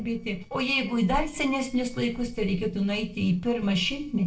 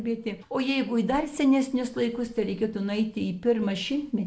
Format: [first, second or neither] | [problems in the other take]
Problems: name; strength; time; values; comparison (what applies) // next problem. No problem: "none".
second | noise reduction (neural separator model SepFormer DNS4)